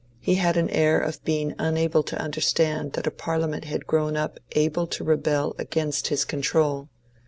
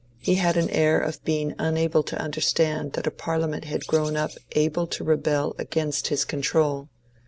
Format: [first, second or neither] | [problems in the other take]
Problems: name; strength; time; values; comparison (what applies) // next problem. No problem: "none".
first | background sound (Bird); 17 dB below the speech